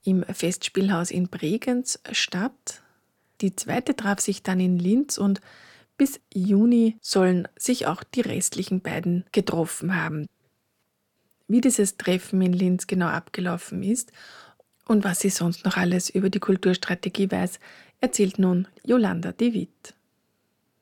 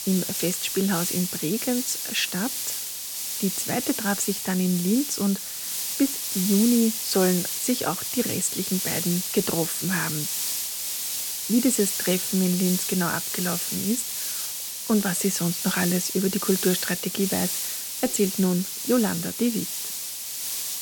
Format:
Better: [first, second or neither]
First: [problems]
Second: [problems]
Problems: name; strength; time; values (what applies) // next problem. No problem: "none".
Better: first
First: none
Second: hiss; loud; throughout; 1 dB below the speech